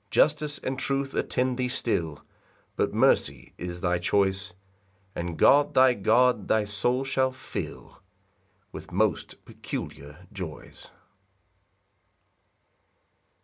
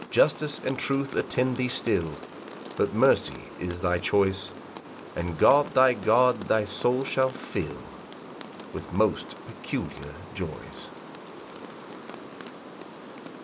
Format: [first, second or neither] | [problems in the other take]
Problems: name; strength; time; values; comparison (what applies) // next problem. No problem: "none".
first | background sound (Rain); 14 dB below the speech